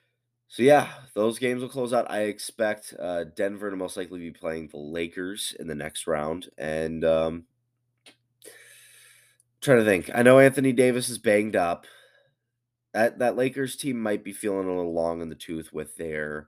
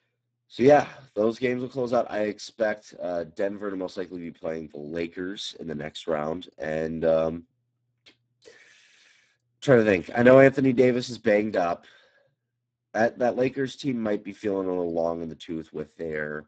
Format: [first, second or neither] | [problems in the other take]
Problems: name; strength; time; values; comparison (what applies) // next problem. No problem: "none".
first | garbled, watery; badly; nothing above 8 kHz